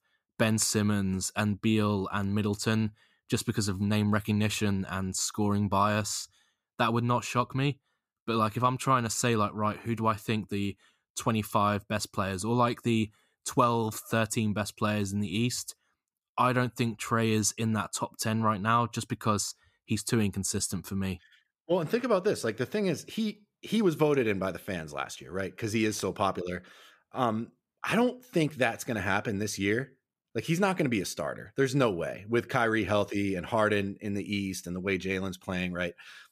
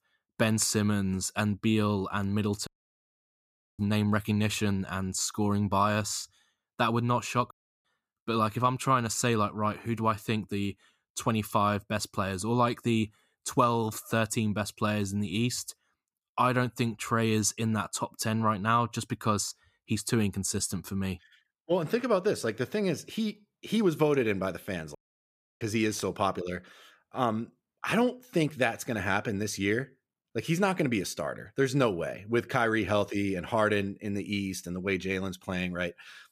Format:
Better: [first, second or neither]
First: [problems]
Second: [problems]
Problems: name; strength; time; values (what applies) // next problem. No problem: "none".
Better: first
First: none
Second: audio cutting out; at 2.5 s for 1 s, at 7.5 s and at 25 s for 0.5 s